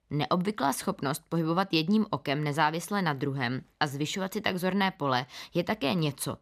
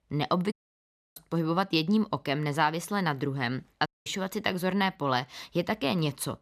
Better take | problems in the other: first | audio cutting out; at 0.5 s for 0.5 s and at 4 s

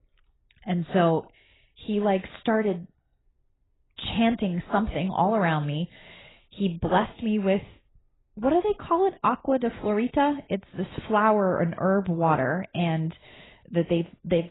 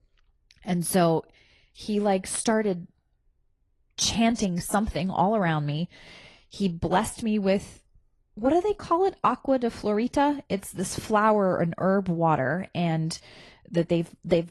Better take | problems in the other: second | garbled, watery; badly; nothing above 4 kHz; slightly in the second

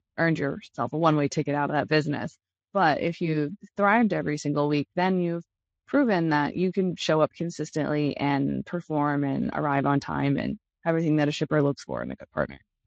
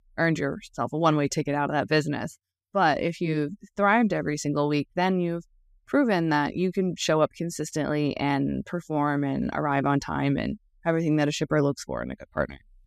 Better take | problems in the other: second | garbled, watery; slightly; nothing above 7.5 kHz

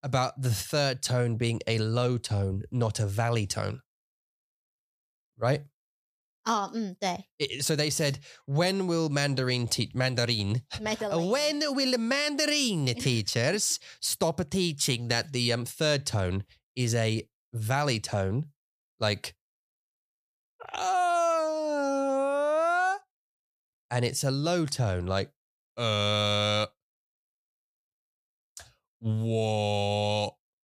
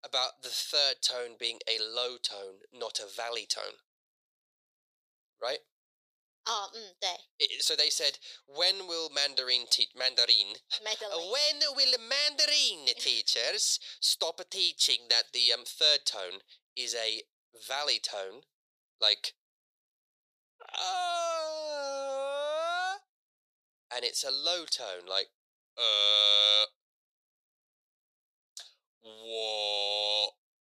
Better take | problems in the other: first | thin; very; fading below 450 Hz

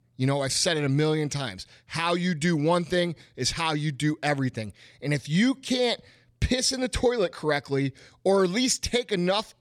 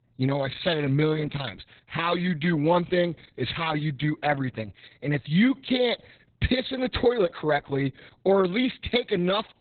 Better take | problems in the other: first | garbled, watery; badly; nothing above 4 kHz

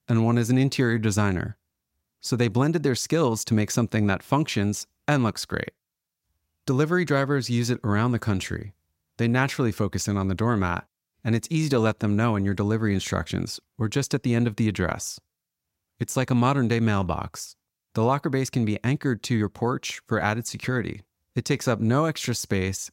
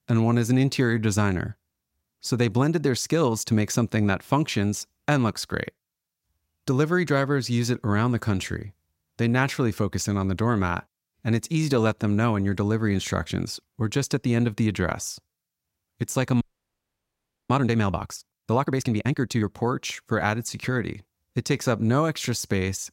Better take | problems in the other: first | audio freezing; at 16 s for 1 s

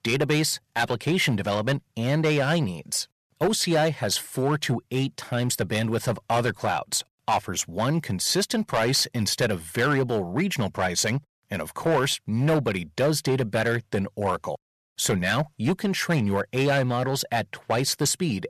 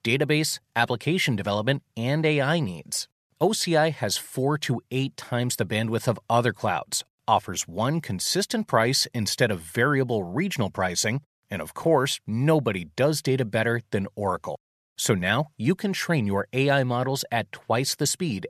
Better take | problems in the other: second | distortion; slight; 6% of the sound clipped

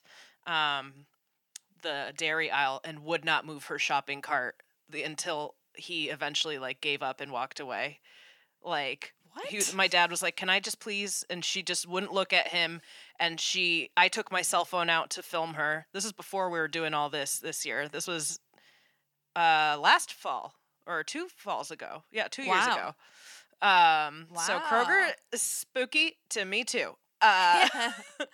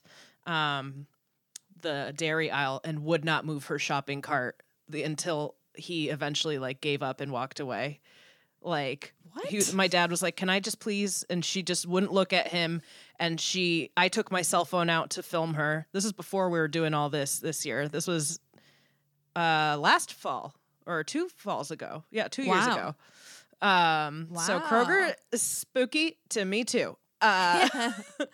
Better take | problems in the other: second | thin; somewhat; fading below 550 Hz

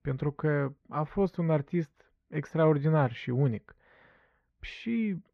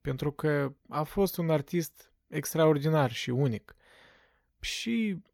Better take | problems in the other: second | muffled; very; fading above 2 kHz

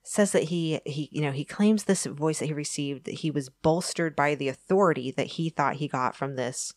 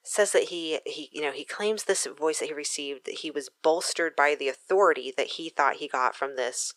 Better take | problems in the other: first | thin; very; fading below 400 Hz

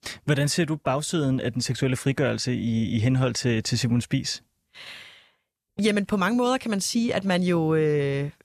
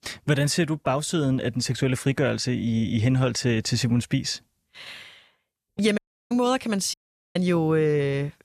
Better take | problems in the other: first | audio cutting out; at 6 s and at 7 s

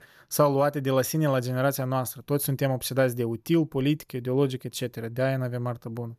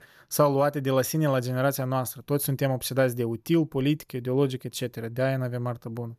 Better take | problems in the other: neither | none

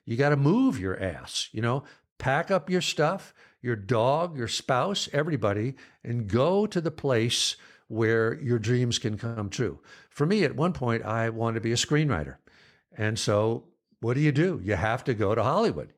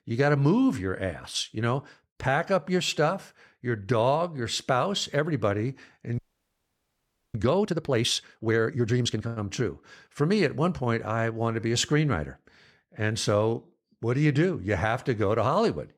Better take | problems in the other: first | audio freezing; at 6 s for 1 s

